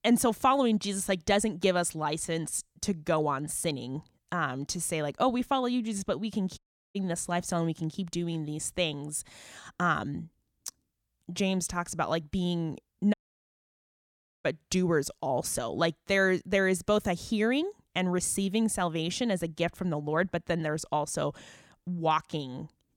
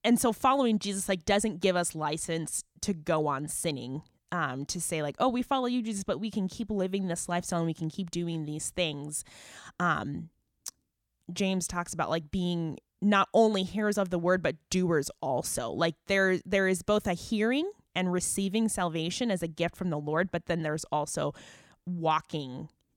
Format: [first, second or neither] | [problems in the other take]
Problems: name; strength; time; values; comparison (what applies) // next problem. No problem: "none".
second | audio cutting out; at 6.5 s and at 13 s for 1.5 s